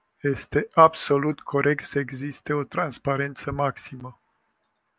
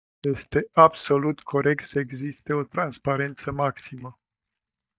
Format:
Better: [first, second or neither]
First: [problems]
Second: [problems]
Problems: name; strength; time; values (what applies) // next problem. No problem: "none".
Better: first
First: none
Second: noise reduction (neural mask model DeepFilterNet 3)